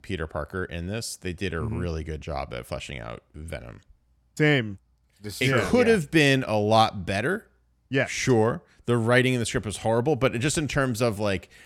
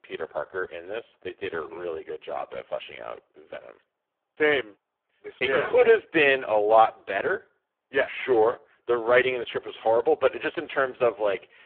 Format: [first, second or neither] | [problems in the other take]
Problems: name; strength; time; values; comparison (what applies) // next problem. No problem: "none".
first | phone-call audio; poor line